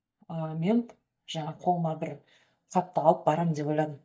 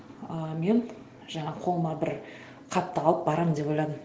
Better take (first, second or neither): second